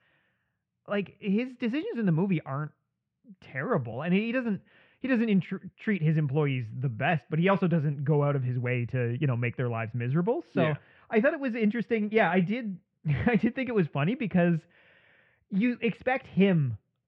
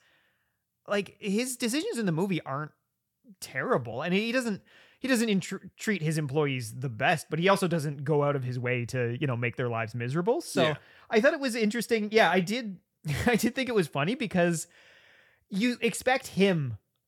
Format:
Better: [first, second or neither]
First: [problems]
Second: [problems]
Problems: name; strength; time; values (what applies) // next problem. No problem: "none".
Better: second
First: muffled; very; fading above 2.5 kHz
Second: none